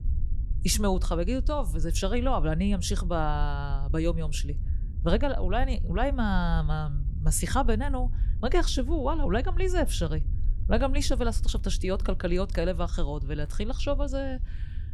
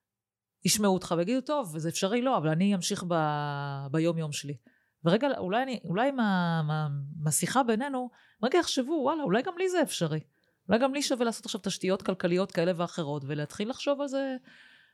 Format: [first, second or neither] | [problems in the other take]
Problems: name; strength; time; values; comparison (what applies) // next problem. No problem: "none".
second | low rumble; faint; throughout; 20 dB below the speech